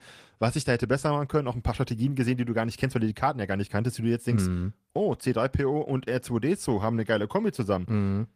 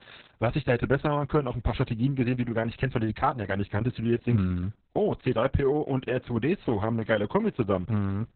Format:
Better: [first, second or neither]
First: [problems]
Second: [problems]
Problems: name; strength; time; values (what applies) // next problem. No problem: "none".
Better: first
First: garbled, watery; slightly; nothing above 15 kHz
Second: garbled, watery; badly; nothing above 4 kHz